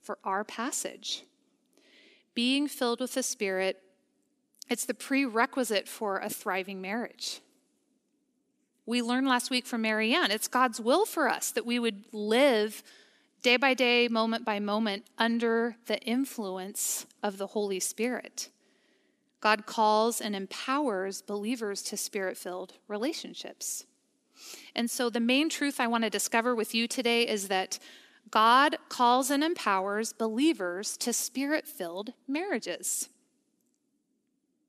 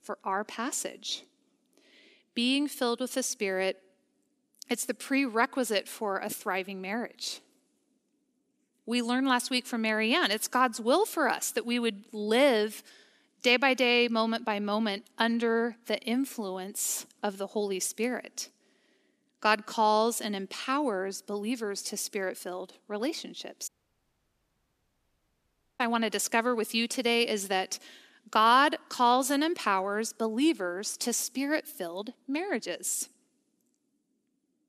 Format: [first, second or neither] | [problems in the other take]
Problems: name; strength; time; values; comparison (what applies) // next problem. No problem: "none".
first | audio cutting out; at 24 s for 2 s